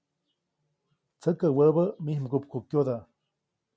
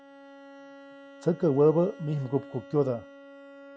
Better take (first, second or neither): first